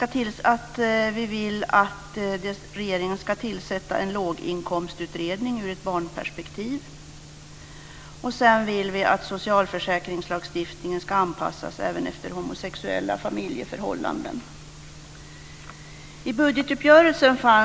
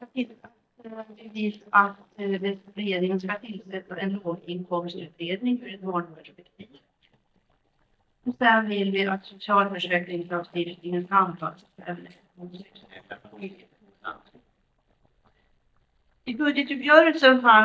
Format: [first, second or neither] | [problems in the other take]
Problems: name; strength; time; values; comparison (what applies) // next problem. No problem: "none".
first | noise reduction (neural mask model DeepFilterNet 3)